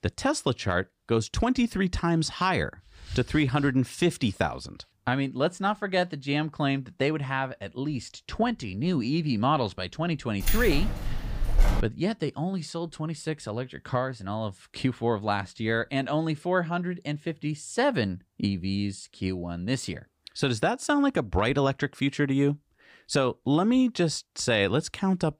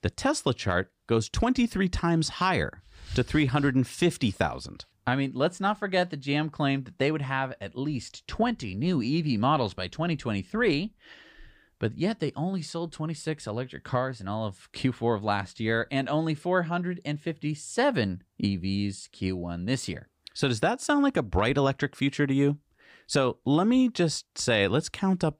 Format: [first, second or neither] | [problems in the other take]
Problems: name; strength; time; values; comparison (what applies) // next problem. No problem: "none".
second | jangling keys; loud; from 10 to 12 s; peak level with the speech